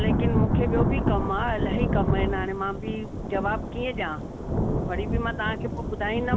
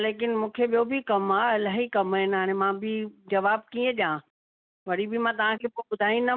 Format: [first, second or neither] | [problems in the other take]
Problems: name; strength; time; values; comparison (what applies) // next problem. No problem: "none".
second | background sound (Thunder / Rain); 4 dB above the speech